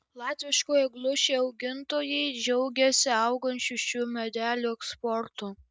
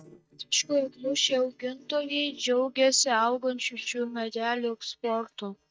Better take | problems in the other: first | noise reduction (neural mask model DeepFilterNet 3)

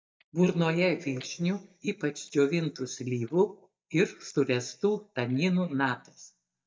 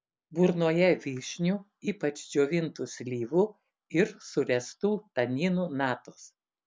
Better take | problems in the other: second | noise reduction (neural mask model DeepFilterNet 3)

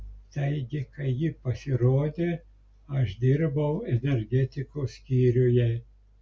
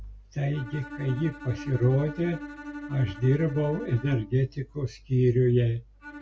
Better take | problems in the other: first | background sound (Bowed string instrument); 15 dB below the speech

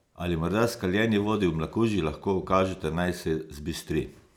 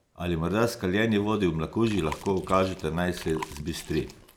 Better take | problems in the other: first | background sound (Chewing, mastication); 15 dB below the speech

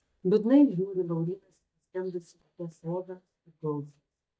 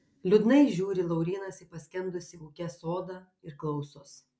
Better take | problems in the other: second | noise reduction (neural mask model DeepFilterNet 3)

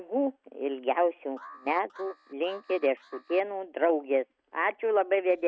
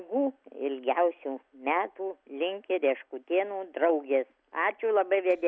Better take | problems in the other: second | noise reduction (neural mask model RNNoise)

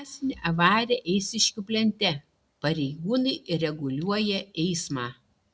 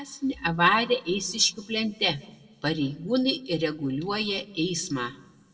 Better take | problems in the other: first | room echo; dies away in 0.8 s

